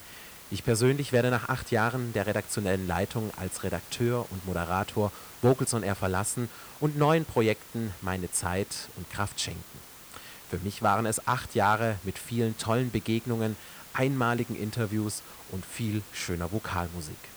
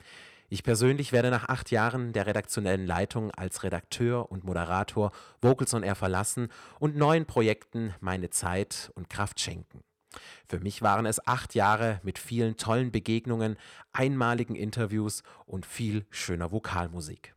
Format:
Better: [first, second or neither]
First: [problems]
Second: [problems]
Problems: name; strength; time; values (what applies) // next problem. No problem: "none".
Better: second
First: hiss; noticeable; throughout; 15 dB below the speech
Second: none